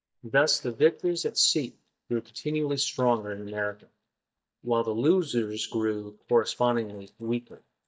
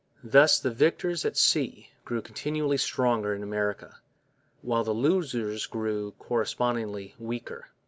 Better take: second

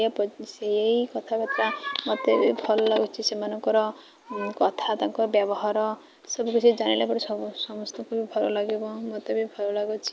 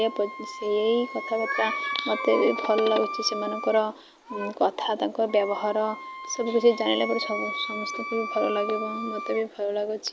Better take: first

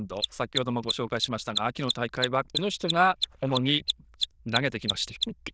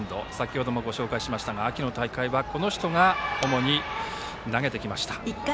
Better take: second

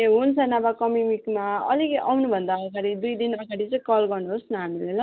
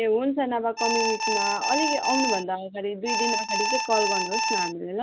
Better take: first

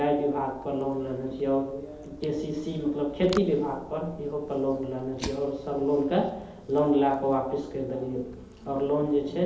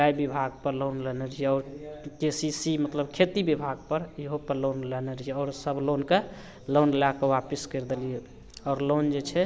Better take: second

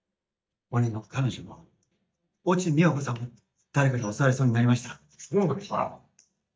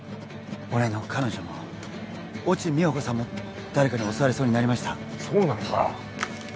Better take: second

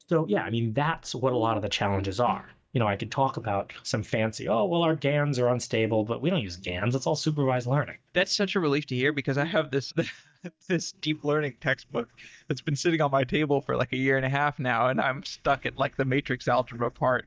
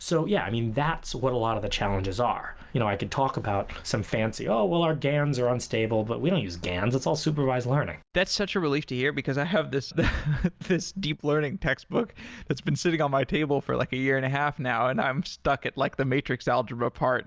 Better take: second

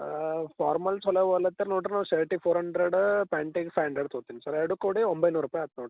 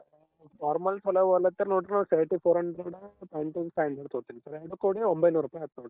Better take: first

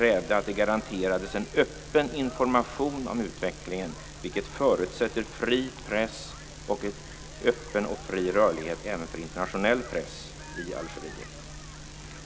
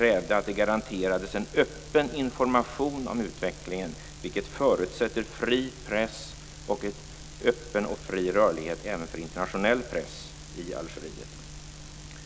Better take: second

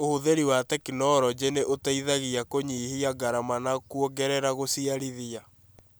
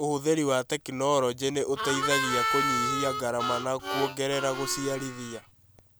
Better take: first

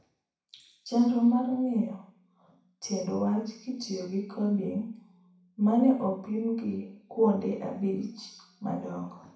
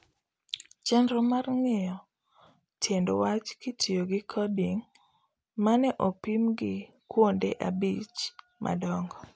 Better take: second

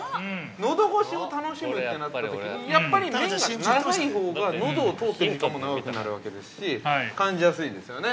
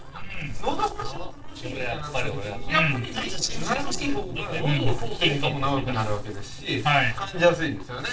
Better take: first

